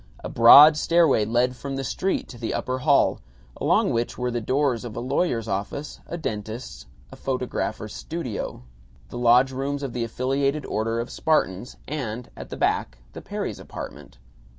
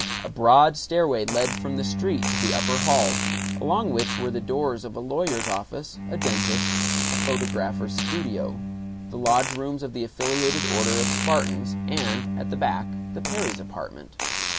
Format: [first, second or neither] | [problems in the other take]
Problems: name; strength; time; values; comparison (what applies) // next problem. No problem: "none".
first | background sound (Bowed string instrument + Fart); 2 dB below the speech